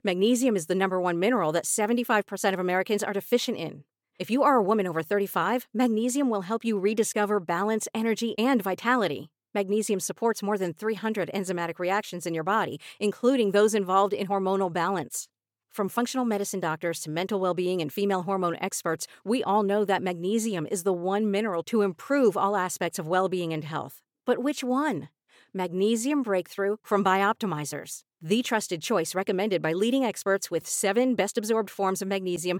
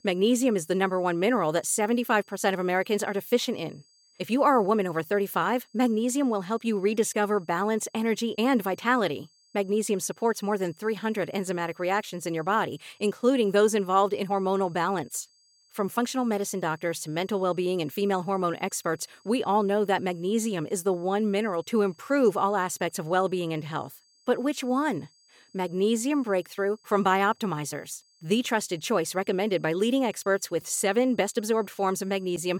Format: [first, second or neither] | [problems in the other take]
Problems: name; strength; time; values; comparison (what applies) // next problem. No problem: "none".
first | high-pitched whine; faint; throughout; 4.5 kHz, 35 dB below the speech